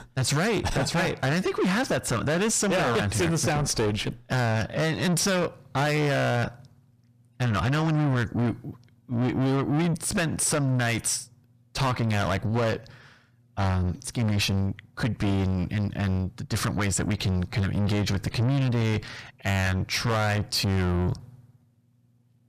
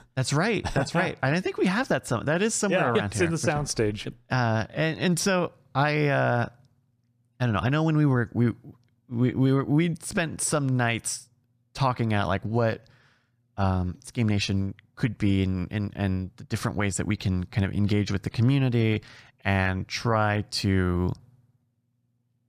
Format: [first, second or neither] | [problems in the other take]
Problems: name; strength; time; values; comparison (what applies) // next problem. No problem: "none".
second | distortion; heavy; 6 dB below the speech